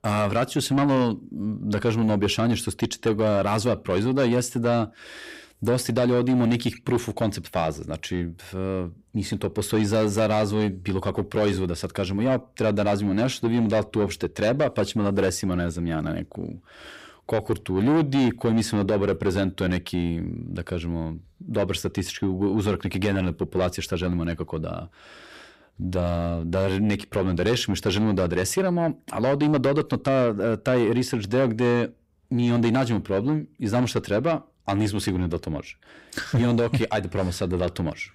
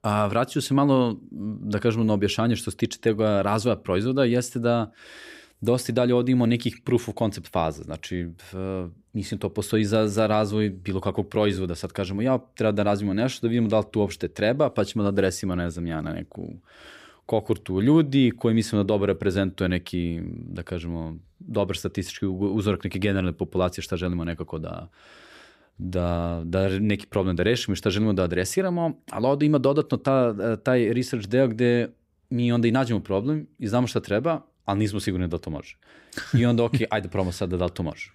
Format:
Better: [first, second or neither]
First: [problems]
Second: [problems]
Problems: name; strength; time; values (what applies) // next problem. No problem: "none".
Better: second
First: distortion; slight; 10 dB below the speech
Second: none